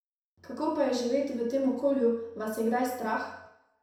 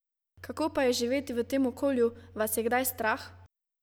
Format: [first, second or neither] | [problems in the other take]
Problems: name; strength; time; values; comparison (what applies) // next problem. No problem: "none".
second | room echo; dies away in 0.7 s